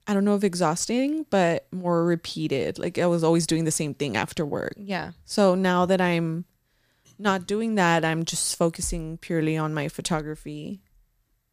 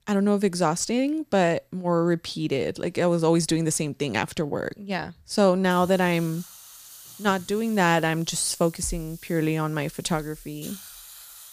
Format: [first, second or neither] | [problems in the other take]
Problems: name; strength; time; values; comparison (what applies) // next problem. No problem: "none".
first | hiss; noticeable; from 5.5 s on; 20 dB below the speech